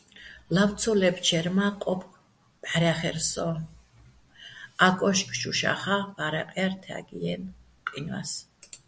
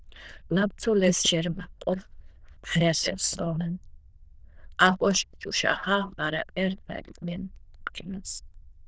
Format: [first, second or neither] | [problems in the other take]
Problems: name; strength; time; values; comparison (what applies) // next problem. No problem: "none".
first | noise reduction (neural diffusion model UNIVERSE++)